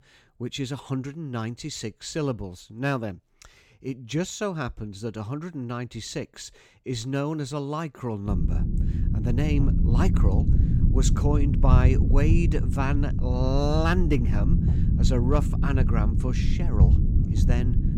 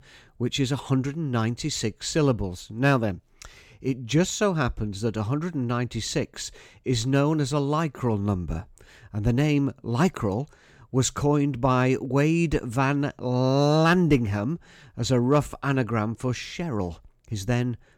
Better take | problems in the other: second | low rumble; loud; from 8.5 s on; 5 dB below the speech

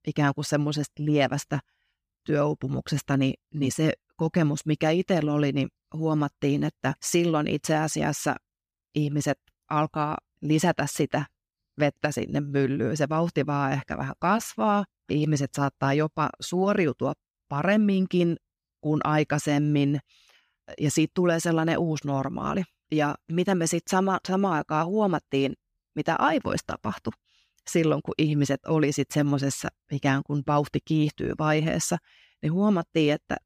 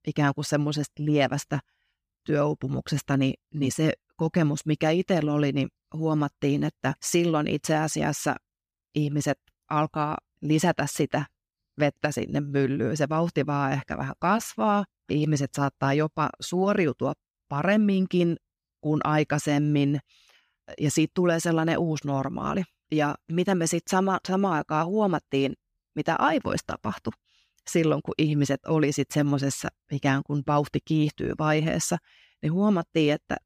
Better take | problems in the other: neither | none

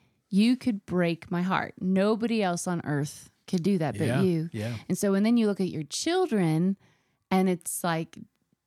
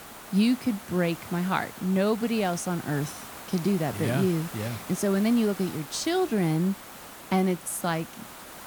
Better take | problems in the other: first | hiss; noticeable; throughout; 15 dB below the speech

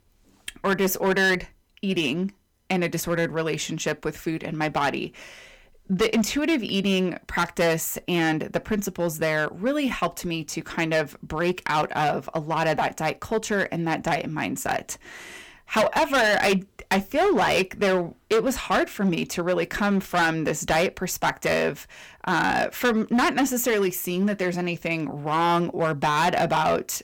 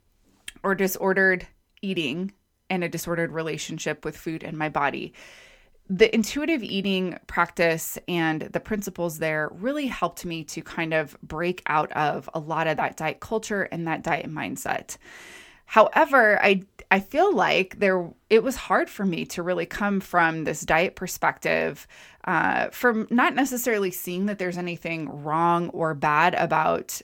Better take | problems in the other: second | distortion; heavy; 8% of the sound clipped

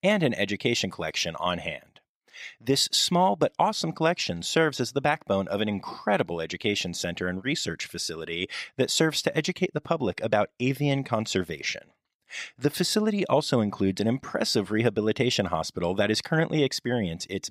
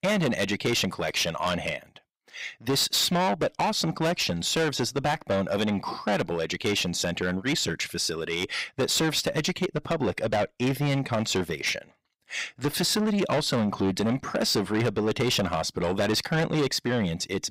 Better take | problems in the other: first | distortion; heavy; 7 dB below the speech

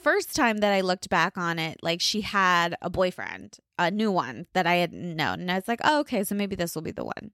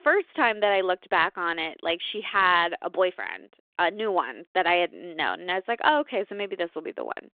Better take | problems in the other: first | phone-call audio

